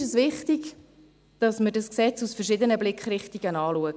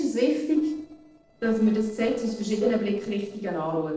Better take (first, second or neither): first